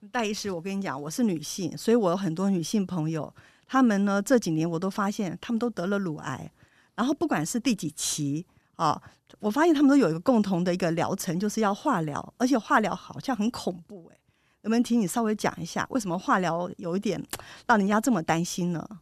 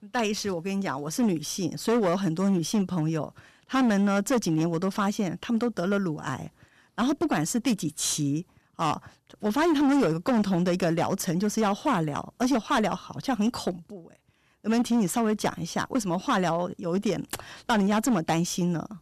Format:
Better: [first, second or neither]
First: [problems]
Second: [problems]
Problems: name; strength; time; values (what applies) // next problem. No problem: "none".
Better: first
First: none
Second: distortion; slight; 9% of the sound clipped